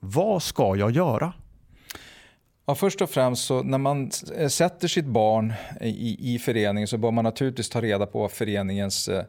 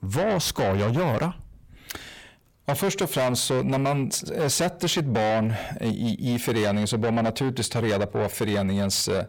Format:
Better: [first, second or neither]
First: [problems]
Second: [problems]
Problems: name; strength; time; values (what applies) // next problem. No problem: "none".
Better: first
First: none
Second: distortion; heavy; 7 dB below the speech